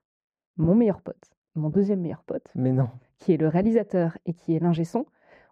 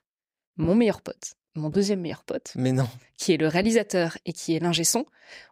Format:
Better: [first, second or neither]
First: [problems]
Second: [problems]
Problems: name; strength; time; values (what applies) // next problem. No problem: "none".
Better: second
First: muffled; very; fading above 2.5 kHz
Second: none